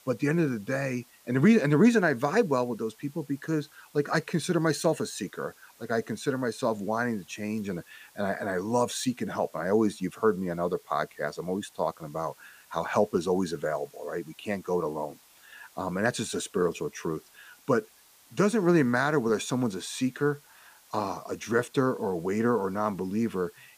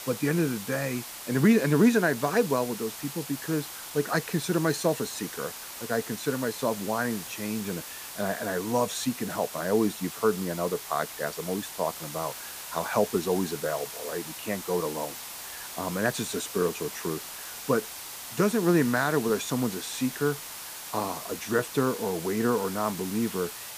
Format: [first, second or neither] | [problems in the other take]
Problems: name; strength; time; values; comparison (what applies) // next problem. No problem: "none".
first | hiss; loud; throughout; 9 dB below the speech; faint in the first